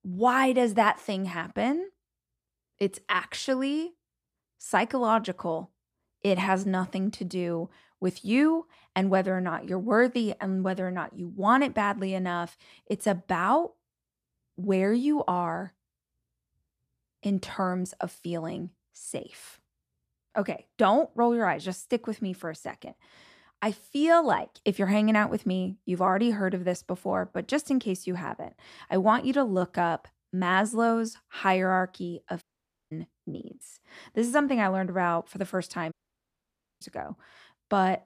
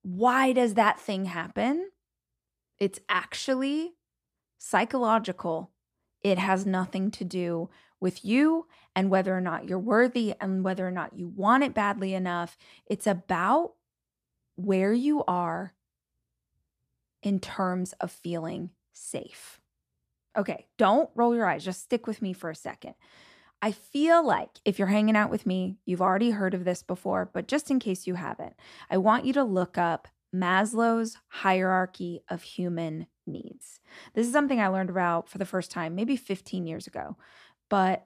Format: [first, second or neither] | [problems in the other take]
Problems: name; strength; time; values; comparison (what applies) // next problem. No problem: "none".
second | audio cutting out; at 32 s and at 36 s for 1 s